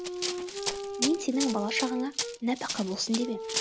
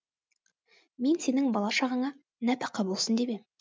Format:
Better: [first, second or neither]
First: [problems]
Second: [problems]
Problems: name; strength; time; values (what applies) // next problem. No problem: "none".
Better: second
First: background sound (Wind instrument, woodwind instrument + Run); 3 dB below the speech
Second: none